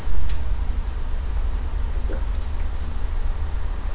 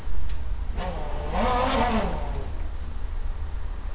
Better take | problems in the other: first | background sound (Race car, auto racing / Accelerating, revving, vroom); 4 dB below the speech

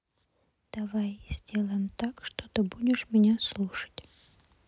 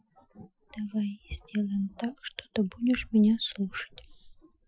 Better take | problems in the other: first | noise reduction (classical method Wiener filter)

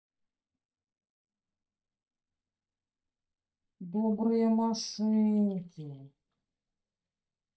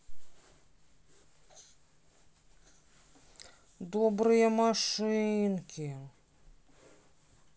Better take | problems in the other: second | noise reduction (neural mask model DeepFilterNet 3)

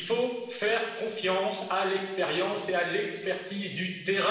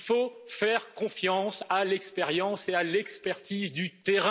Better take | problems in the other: second | room echo; dies away in 1.2 s

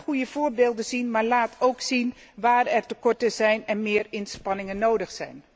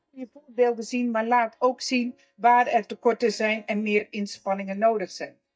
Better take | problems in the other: first | noise reduction (neural mask model DeepFilterNet 3)

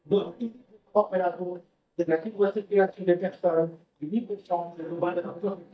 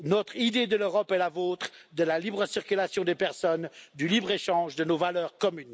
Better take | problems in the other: second | noise reduction (neural mask model DeepFilterNet 3)

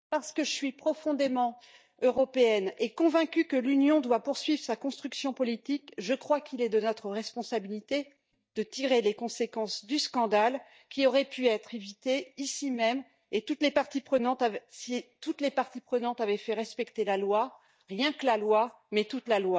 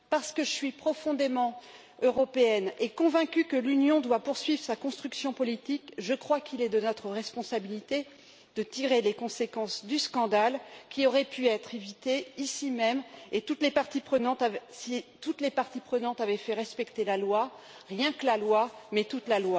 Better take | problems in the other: second | noise reduction (neural mask model DeepFilterNet 3)

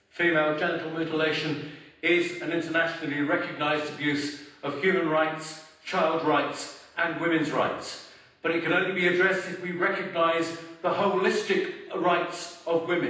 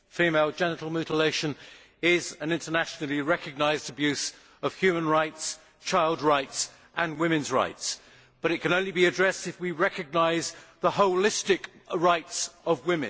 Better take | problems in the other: second | room echo; dies away in 0.9 s

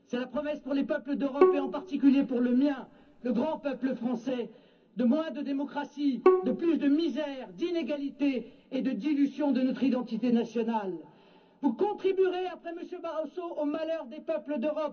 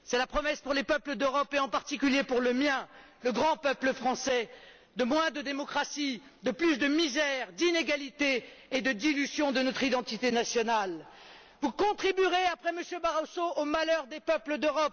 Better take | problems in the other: second | background sound (Bowed string instrument); 2 dB below the speech // room echo; dies away in 0.4 s

